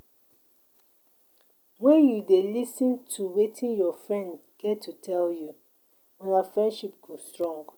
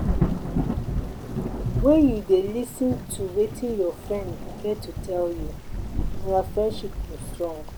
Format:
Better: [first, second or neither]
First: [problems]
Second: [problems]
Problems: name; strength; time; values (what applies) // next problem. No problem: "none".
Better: first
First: none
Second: background sound (Thunder / Rain); 3 dB below the speech